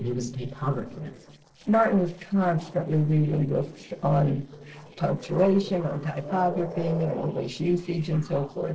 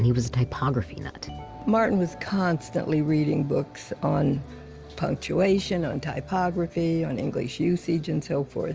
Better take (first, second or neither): second